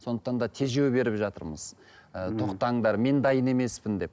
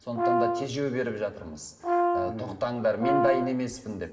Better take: first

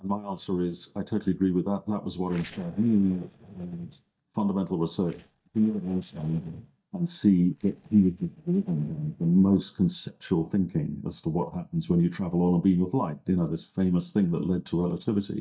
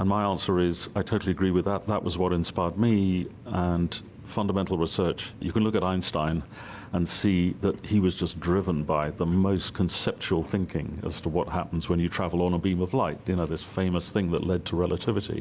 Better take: second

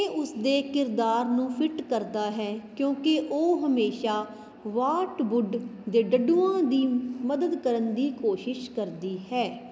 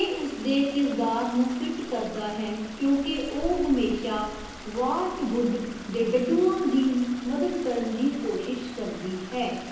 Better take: first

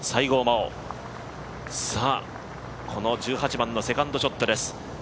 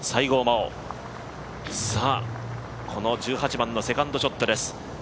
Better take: first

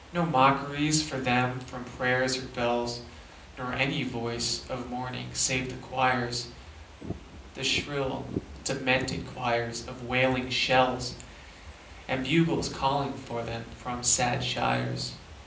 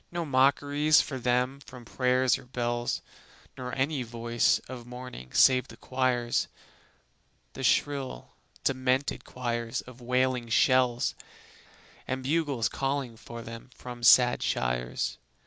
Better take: second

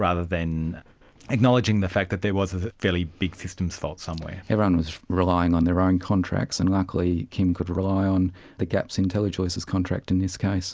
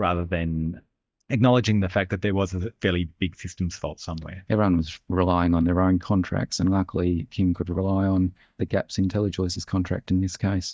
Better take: first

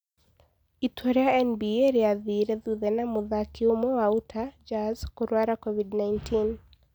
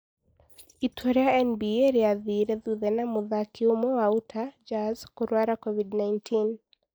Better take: first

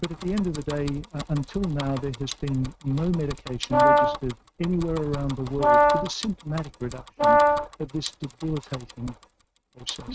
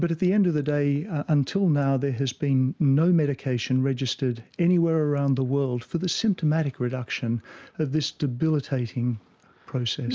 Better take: second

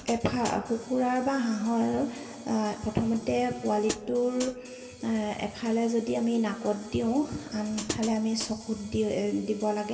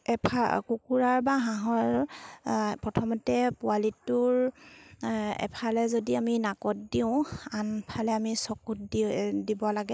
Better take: second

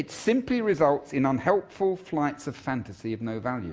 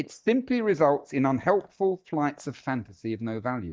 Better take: first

